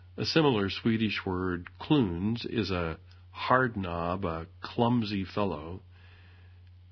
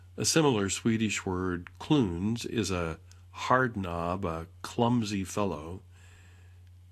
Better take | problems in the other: second | garbled, watery; badly; nothing above 5 kHz; slightly in the second

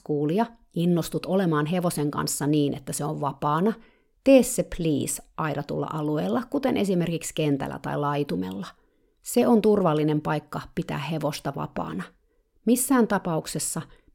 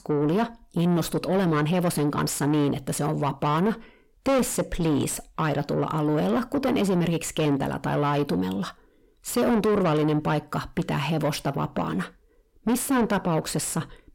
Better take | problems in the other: first | distortion; heavy; 7 dB below the speech

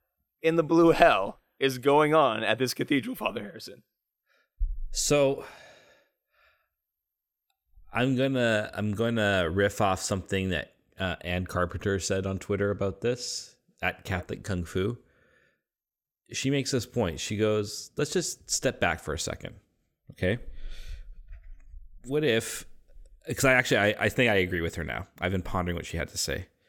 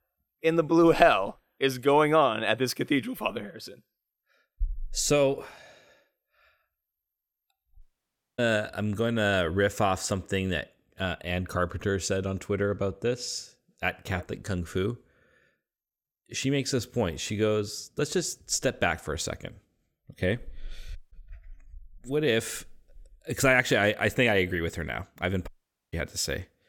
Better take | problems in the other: first | audio cutting out; at 8 s for 0.5 s, at 21 s and at 25 s

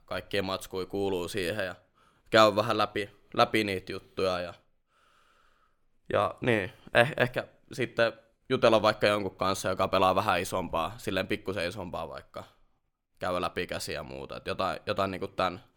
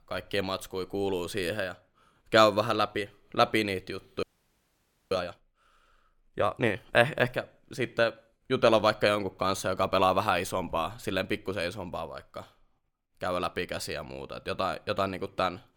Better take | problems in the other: first | audio freezing; at 4 s for 1 s

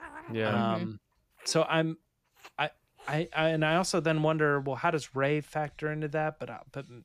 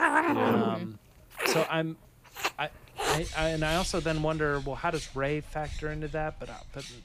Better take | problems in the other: first | animal sounds; loud; throughout; as loud as the speech; faint in the first

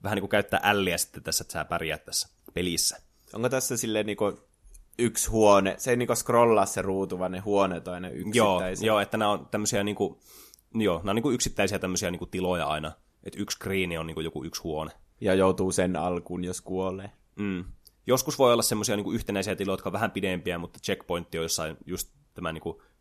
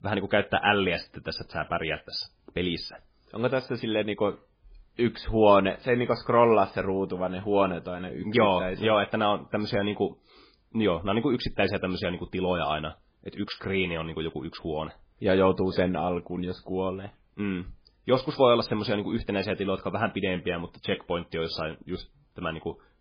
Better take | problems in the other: first | garbled, watery; badly; nothing above 5 kHz

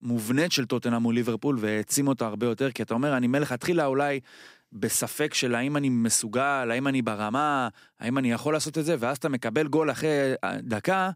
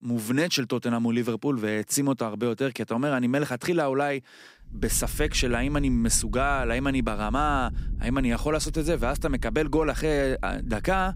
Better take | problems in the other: first | low rumble; faint; from 4.5 s on; 25 dB below the speech

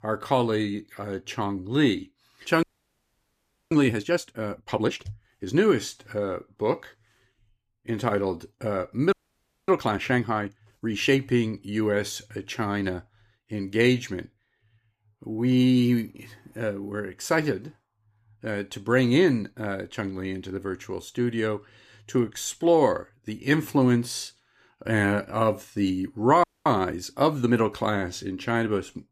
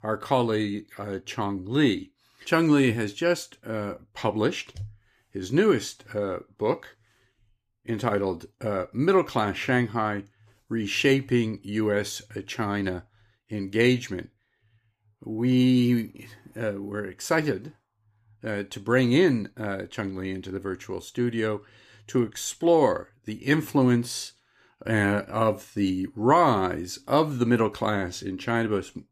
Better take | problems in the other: second | audio freezing; at 2.5 s for 1 s, at 9 s for 0.5 s and at 26 s

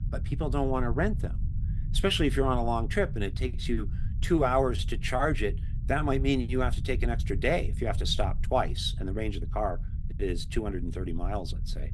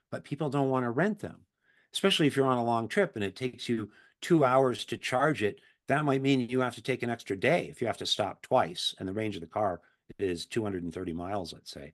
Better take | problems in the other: second | low rumble; noticeable; throughout; 20 dB below the speech

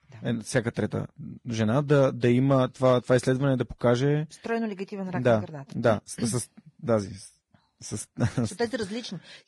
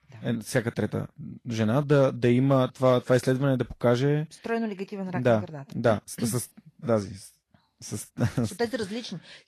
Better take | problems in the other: second | garbled, watery; badly; nothing above 10.5 kHz; slightly in the second

